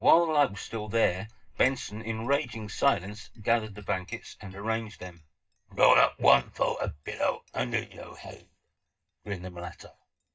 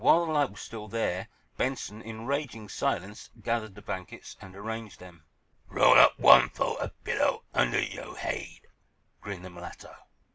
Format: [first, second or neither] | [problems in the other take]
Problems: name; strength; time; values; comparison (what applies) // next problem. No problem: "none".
second | noise reduction (neural mask model DeepFilterNet 3)